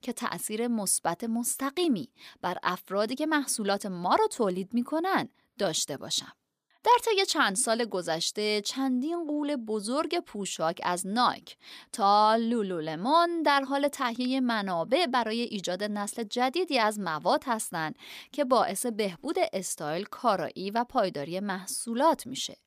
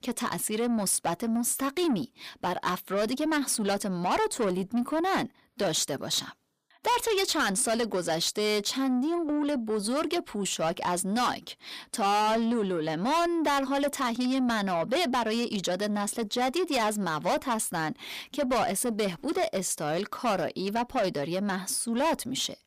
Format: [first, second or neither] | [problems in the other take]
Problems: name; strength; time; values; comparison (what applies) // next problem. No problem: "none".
first | distortion; heavy; 8 dB below the speech